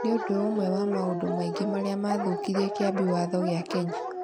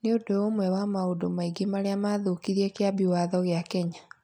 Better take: second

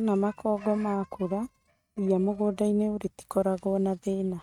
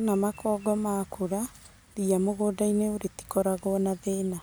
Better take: second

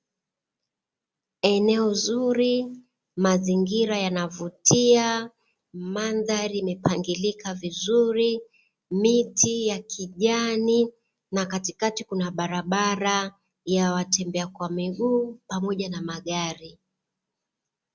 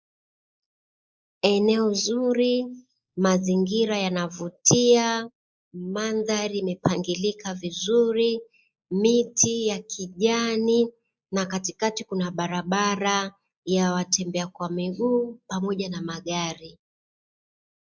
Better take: first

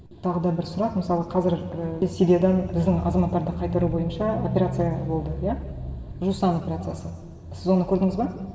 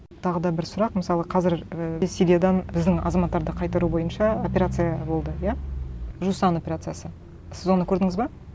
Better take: second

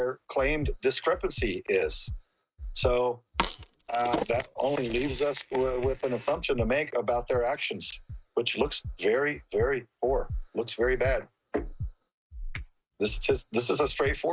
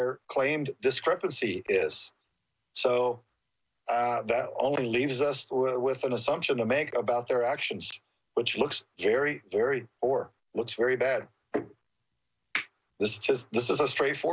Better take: second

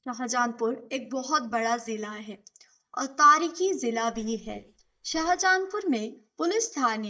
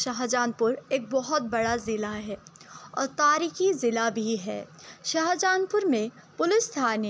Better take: second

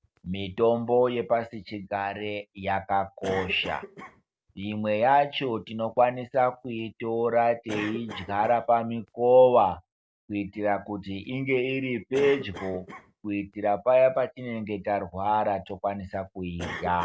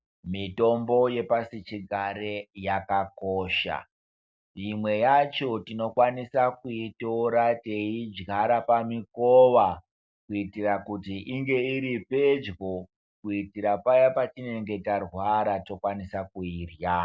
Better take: second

